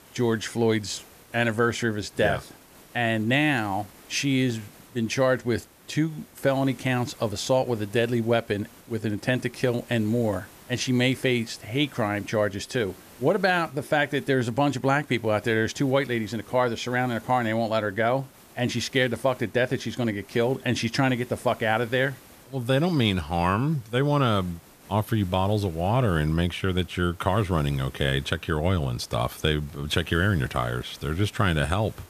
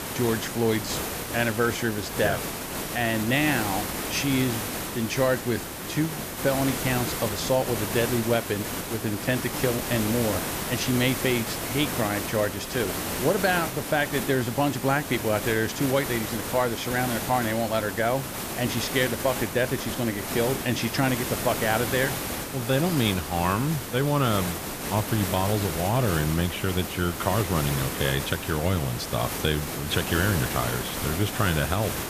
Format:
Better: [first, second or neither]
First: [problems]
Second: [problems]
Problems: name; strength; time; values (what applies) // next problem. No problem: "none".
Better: first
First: hiss; faint; throughout; 25 dB below the speech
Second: hiss; loud; throughout; 4 dB below the speech